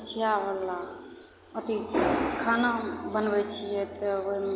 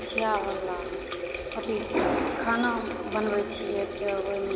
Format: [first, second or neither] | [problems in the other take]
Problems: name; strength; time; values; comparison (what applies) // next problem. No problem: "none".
first | background sound (Water tap, faucet); 5 dB below the speech